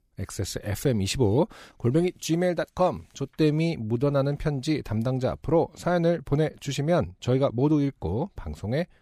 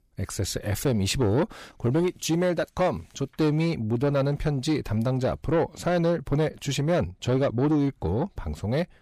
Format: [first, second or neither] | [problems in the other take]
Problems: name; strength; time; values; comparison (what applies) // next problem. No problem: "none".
first | distortion; slight; 10 dB below the speech